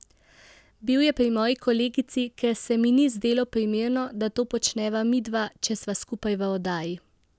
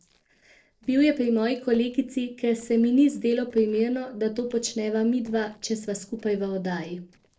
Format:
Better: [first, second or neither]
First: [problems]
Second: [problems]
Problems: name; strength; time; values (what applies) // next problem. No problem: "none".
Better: first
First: none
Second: noise reduction (neural separator model SepFormer DNS4)